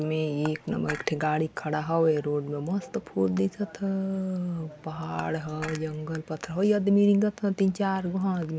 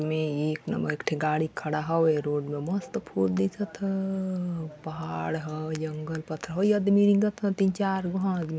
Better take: second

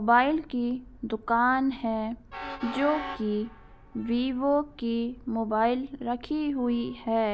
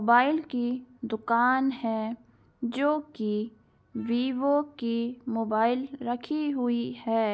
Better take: second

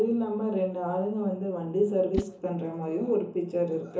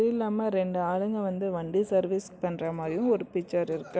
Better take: second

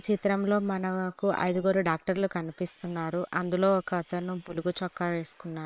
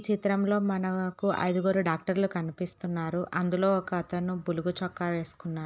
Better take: second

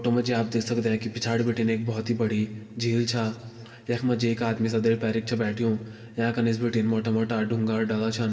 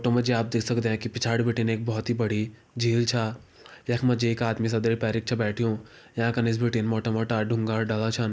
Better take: second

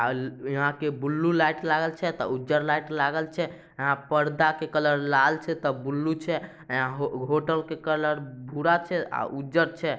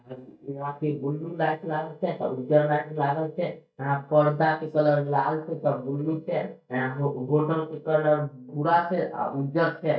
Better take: first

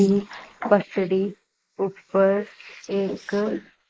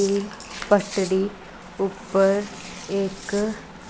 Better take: second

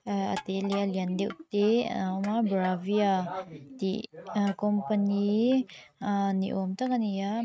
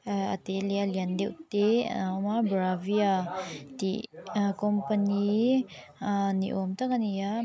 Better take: second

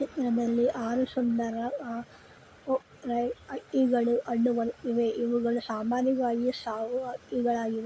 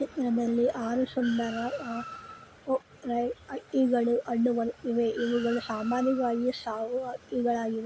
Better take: first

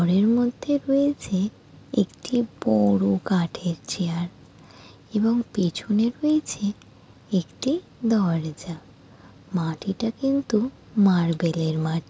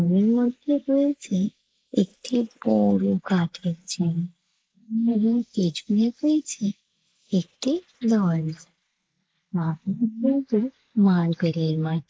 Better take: first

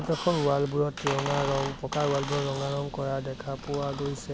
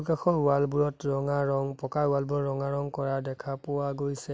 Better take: second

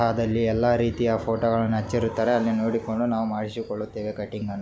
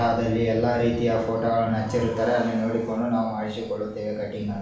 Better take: first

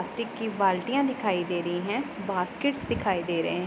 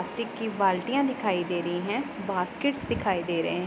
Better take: first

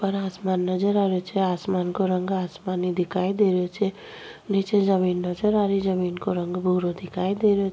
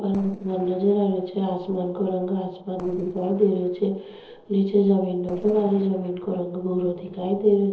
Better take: first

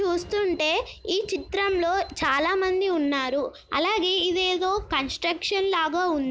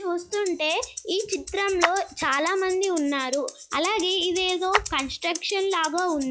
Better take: first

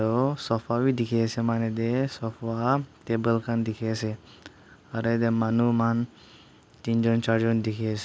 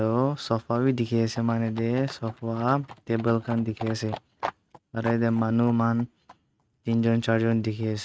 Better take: first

